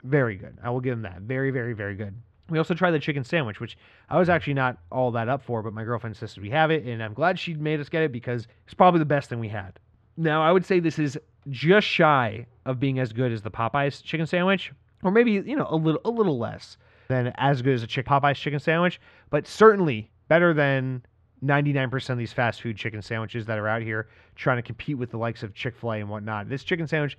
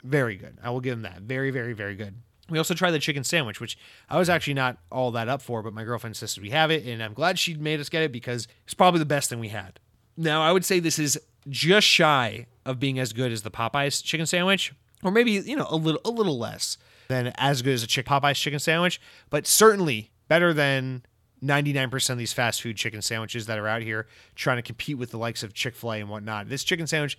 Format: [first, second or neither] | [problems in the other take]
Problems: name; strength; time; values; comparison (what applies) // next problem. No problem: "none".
second | muffled; very; fading above 2 kHz